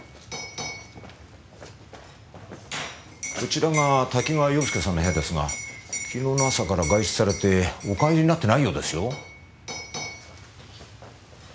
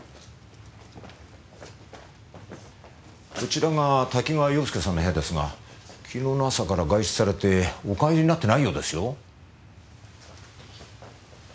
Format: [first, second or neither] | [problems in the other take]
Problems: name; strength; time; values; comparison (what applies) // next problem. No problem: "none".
second | background sound (Liquid); 11 dB below the speech